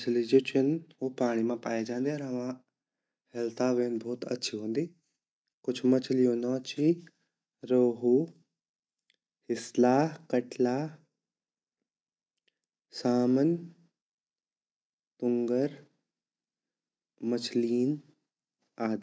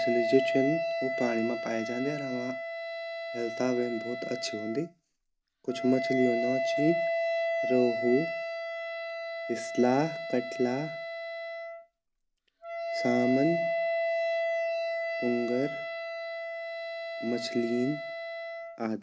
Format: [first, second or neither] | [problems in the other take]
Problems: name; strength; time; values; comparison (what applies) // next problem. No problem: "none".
first | background sound (Wind instrument, woodwind instrument); 1 dB below the speech